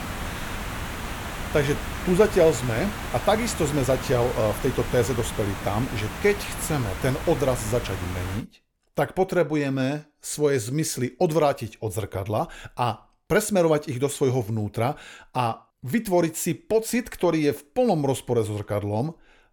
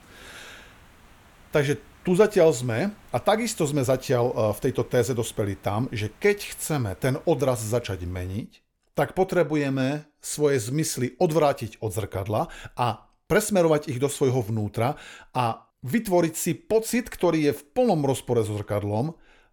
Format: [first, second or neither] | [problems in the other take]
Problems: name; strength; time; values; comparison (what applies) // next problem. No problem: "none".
second | hiss; loud; until 8.5 s; 8 dB below the speech; faint in the second